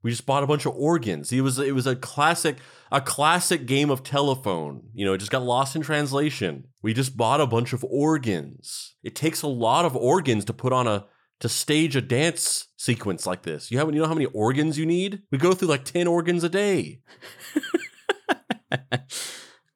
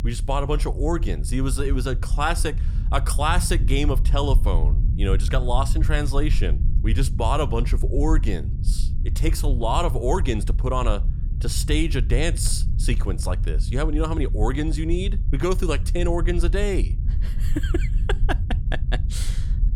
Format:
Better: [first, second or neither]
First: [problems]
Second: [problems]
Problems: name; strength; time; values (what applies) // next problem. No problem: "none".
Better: first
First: none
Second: low rumble; noticeable; throughout; 15 dB below the speech